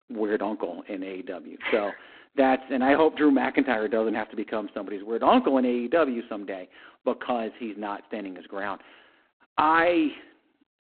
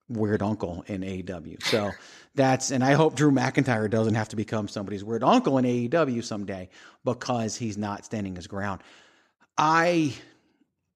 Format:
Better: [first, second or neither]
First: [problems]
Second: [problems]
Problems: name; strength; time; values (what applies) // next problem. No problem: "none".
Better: second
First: phone-call audio; poor line; nothing above 4 kHz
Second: none